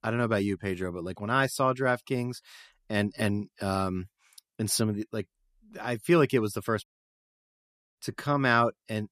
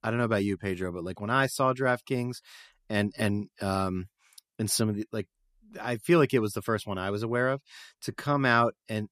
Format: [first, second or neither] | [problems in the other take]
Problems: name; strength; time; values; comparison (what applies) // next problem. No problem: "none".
second | audio cutting out; at 7 s for 1 s